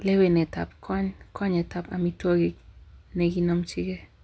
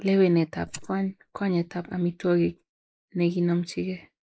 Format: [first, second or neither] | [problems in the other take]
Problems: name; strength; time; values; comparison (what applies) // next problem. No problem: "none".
first | noise reduction (neural mask model Resemble Enhance denoiser)